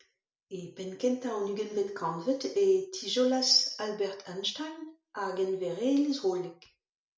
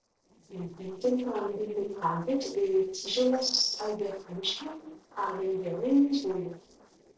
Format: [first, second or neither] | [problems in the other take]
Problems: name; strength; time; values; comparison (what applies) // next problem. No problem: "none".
first | noise reduction (neural separator model SepFormer DNS4)